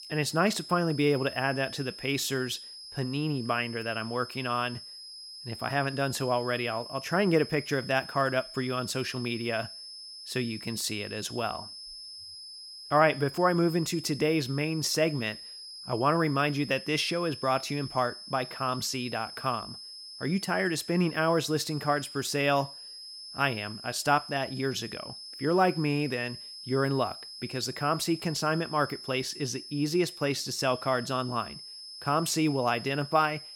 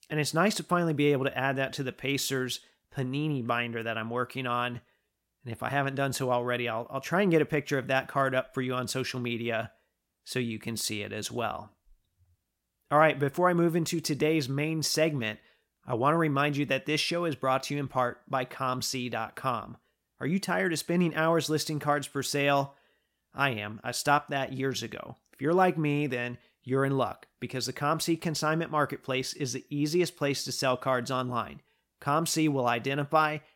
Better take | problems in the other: second | high-pitched whine; noticeable; throughout; 5 kHz, 10 dB below the speech

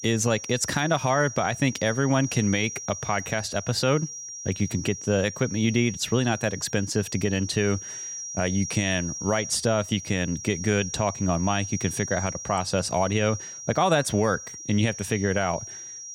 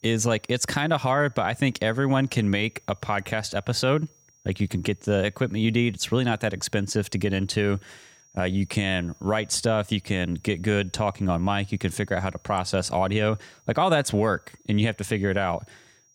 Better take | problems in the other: second | high-pitched whine; loud; throughout; 5.5 kHz, 9 dB below the speech; faint in the second

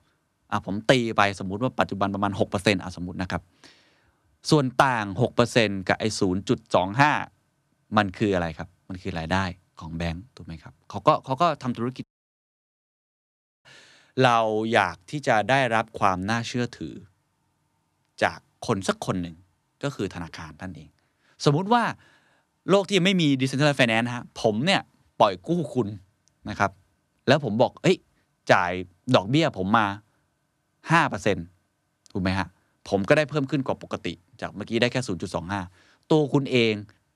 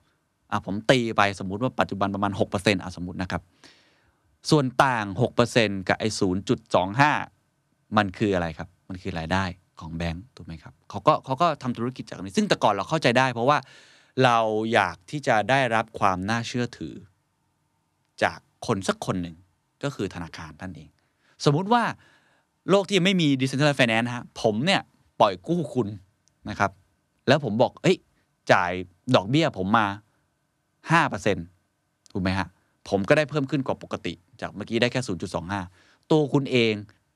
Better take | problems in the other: second | audio cutting out; at 12 s for 1.5 s

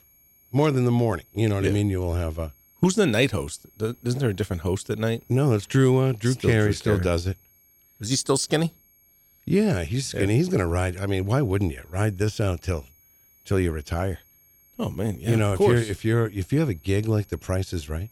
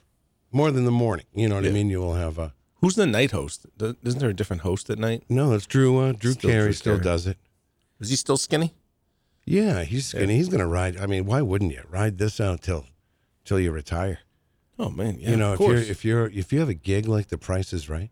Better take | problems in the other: second | high-pitched whine; faint; throughout; 11.5 kHz, 30 dB below the speech

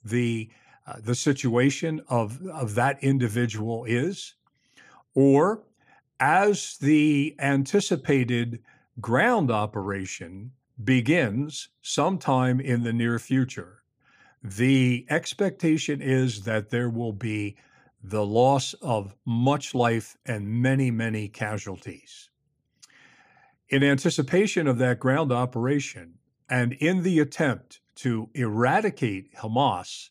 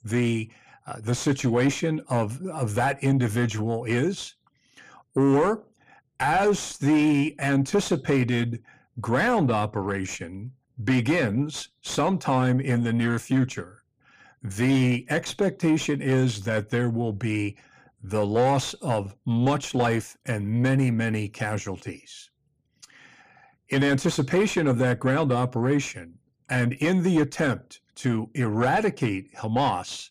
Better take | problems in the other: first | distortion; slight; 10 dB below the speech

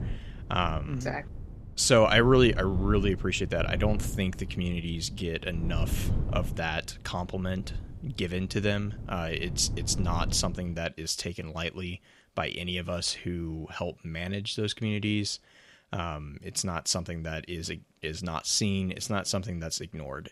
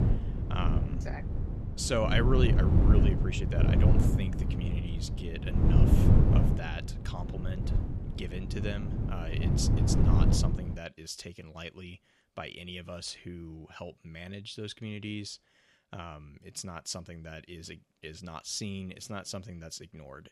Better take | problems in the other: first | wind noise on the microphone; heavy; until 11 s; as loud as the speech; occasional gusts in the first

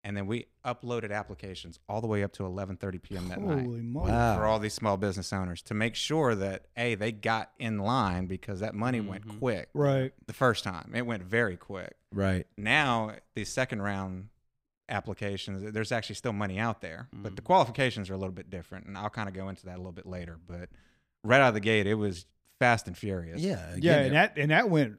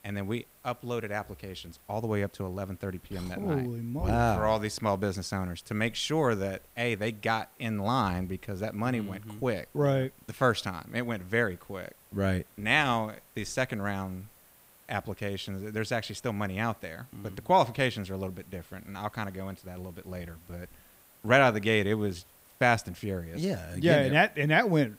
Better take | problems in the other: first | hiss; faint; throughout; 25 dB below the speech

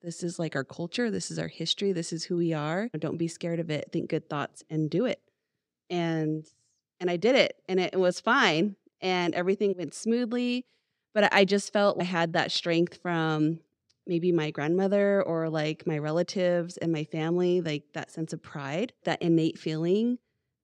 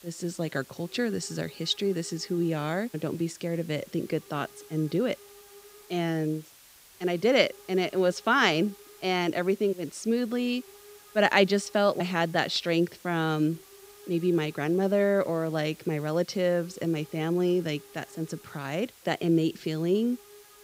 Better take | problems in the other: first | hiss; faint; throughout; 20 dB below the speech

